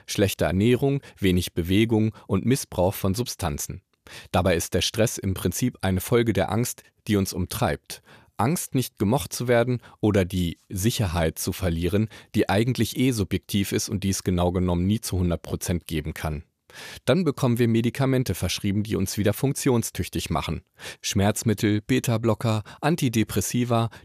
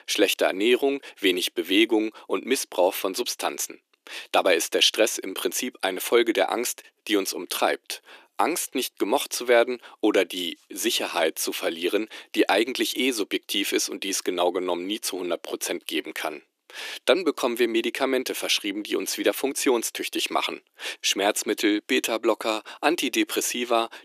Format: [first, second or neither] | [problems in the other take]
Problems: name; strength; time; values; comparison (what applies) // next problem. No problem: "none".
first | thin; somewhat; fading below 300 Hz